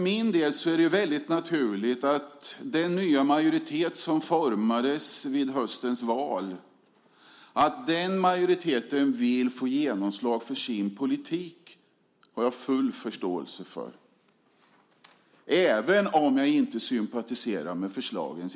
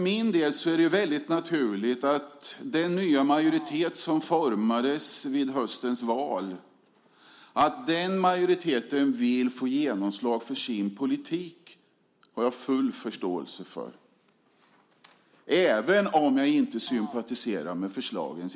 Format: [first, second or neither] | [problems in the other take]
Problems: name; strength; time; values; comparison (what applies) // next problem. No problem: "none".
first | background sound (Fart); 19 dB below the speech